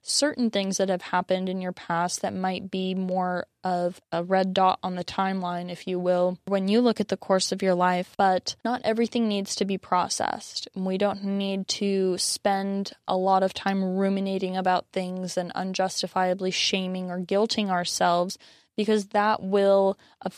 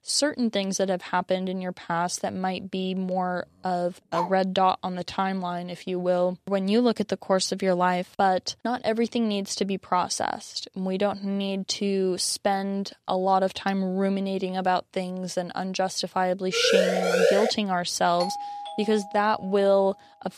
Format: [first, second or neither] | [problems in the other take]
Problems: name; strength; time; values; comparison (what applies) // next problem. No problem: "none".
first | dog barking; noticeable; at 4 s; peak 6 dB below the speech // siren; loud; at 17 s; peak 4 dB above the speech // doorbell; noticeable; from 18 to 20 s; peak 6 dB below the speech